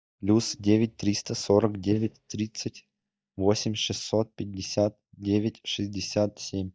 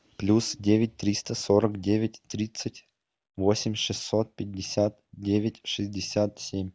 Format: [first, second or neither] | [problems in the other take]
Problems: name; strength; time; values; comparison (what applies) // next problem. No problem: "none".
second | noise reduction (neural mask model DeepFilterNet 3)